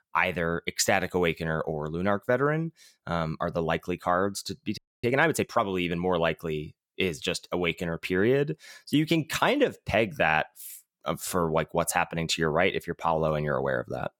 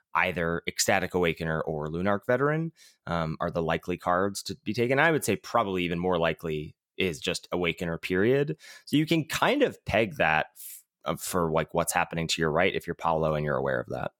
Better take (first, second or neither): second